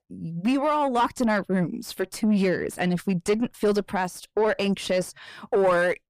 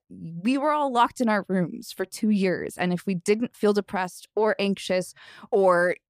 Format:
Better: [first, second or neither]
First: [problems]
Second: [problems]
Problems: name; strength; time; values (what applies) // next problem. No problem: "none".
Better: second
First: distortion; slight; 10 dB below the speech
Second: none